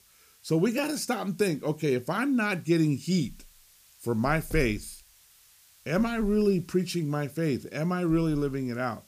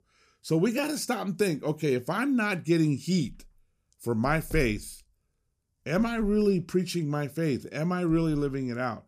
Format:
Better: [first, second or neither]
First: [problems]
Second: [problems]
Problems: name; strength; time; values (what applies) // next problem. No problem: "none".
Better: second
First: hiss; faint; throughout; 30 dB below the speech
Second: none